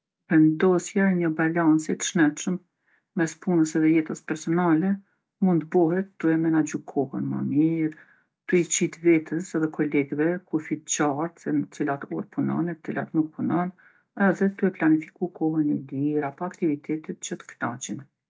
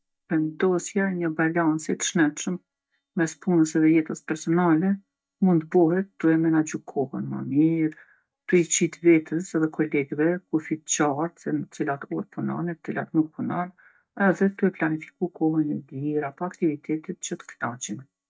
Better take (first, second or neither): first